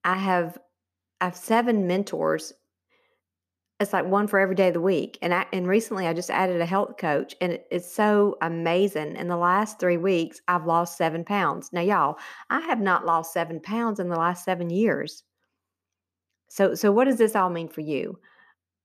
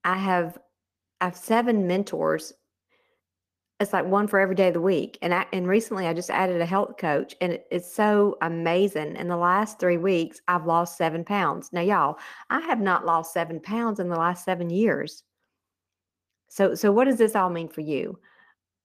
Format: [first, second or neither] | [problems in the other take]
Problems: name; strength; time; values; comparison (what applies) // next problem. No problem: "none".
first | garbled, watery; slightly; nothing above 14.5 kHz